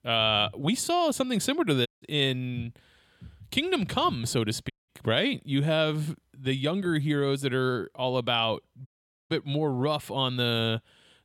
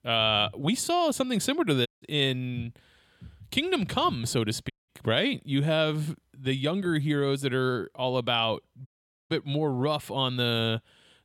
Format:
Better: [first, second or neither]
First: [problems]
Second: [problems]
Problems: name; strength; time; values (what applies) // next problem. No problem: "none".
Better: neither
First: audio cutting out; at 2 s, at 4.5 s and at 9 s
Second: audio cutting out; at 2 s, at 4.5 s and at 9 s